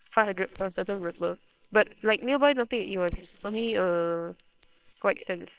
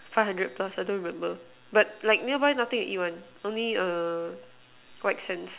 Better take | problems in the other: second | noise reduction (neural separator model SepFormer WHAMR!)

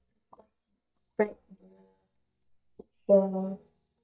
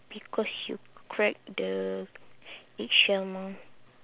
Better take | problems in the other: second | noise reduction (neural mask model DeepFilterNet 3)

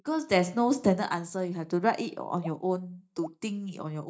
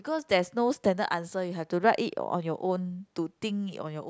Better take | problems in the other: second | noise reduction (neural mask model DeepFilterNet 3)

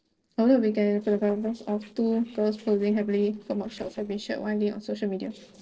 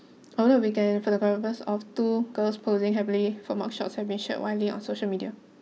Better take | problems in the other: second | noise reduction (neural separator model SepFormer DNS4)

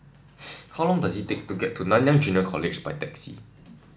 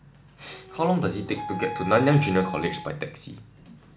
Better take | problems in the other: first | background sound (Wind instrument, woodwind instrument); 12 dB below the speech

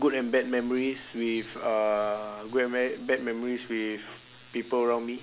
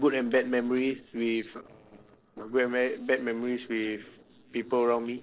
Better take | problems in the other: first | noise reduction (neural separator model SepFormer DNS4)

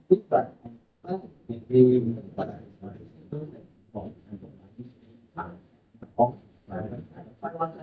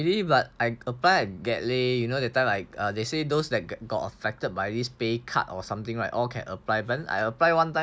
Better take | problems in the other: second | noise reduction (neural mask model DeepFilterNet 3)

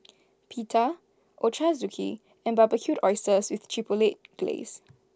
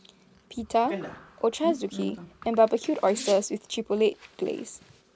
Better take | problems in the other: first | background sound (Bicycle); 14 dB below the speech

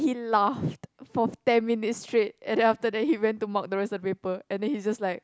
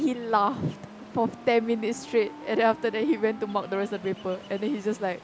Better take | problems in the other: first | background sound (Ocean + Wind instrument, woodwind instrument); 17 dB below the speech

